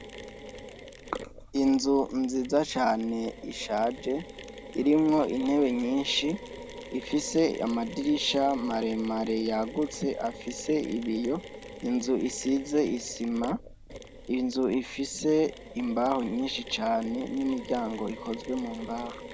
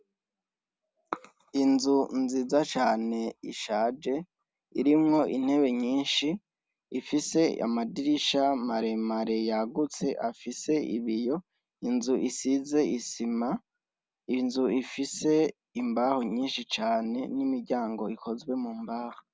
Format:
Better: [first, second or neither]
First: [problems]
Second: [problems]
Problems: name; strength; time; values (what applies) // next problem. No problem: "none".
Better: second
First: background sound (Mechanisms); 14 dB below the speech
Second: none